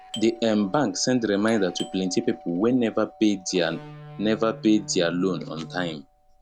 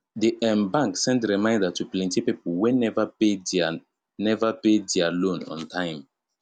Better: second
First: background sound (Doorbell + Electric guitar); 18 dB below the speech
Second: none

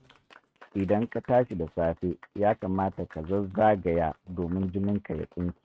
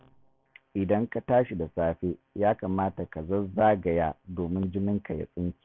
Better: second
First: noise reduction (neural mask model RNNoise)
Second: none

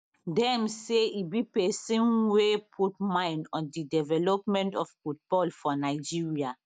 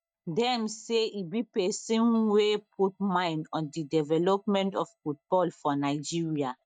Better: first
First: none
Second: noise reduction (neural mask model DeepFilterNet 3)

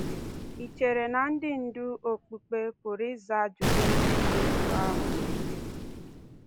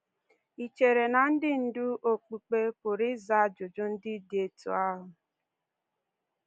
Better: second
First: background sound (Explosion); 2 dB above the speech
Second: none

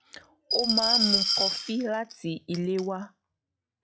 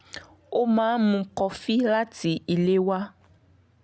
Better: second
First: noise reduction (classical method log-MMSE)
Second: none

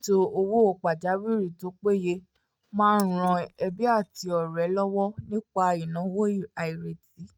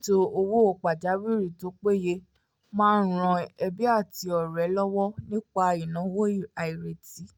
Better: second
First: noise reduction (neural mask model RNNoise)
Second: none

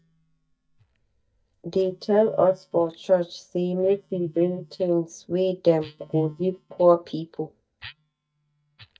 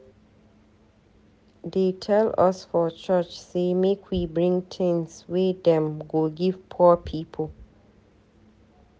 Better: second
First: noise reduction (neural mask model DeepFilterNet 3)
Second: none

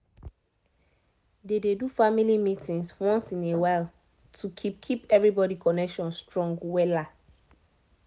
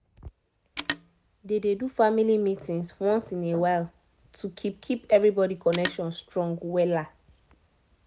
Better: first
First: none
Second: background sound (Telephone); 15 dB below the speech

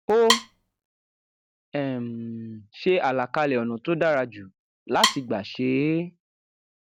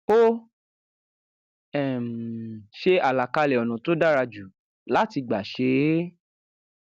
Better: second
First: background sound (Wood); 1 dB below the speech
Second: none

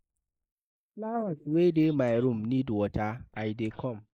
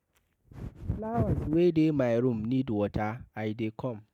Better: second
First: noise reduction (neural mask model Resemble Enhance denoiser)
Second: none

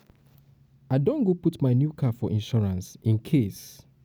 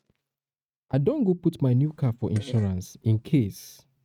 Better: first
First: none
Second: noise reduction (neural mask model RNNoise)

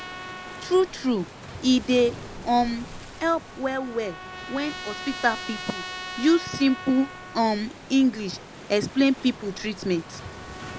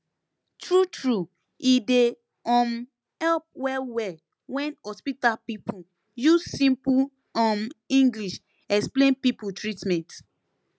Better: second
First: background sound (Trumpet + Waves, surf); 13 dB below the speech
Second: none

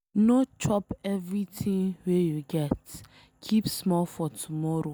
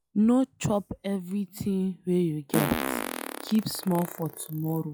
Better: first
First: none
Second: noise reduction (classical method log-MMSE)

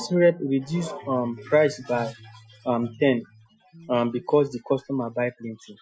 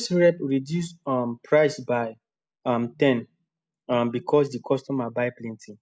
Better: second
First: noise reduction (classical method Wiener filter)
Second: none

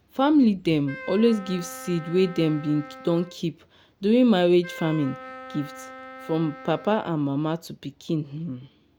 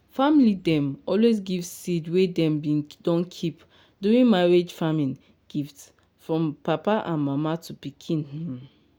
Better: second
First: background sound (Wind instrument, woodwind instrument); 17 dB below the speech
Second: none

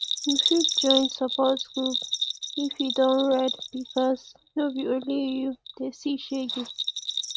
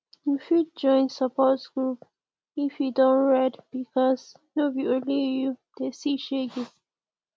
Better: second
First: noise reduction (neural mask model RNNoise)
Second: none

